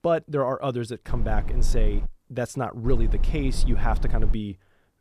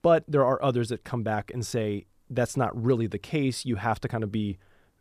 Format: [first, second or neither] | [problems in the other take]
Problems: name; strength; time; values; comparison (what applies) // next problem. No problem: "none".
second | low rumble; noticeable; at 1 s and from 3 to 4.5 s; 15 dB below the speech